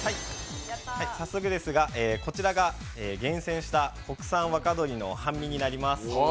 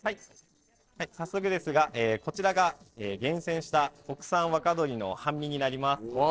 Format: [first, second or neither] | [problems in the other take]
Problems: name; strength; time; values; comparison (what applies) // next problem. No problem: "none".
first | noise reduction (neural separator model SepFormer DNS4)